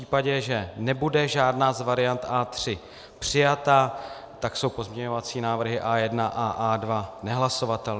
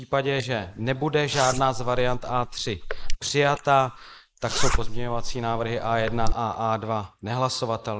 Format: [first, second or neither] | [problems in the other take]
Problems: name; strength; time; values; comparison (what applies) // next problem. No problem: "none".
first | noise reduction (neural mask model Resemble Enhance denoiser)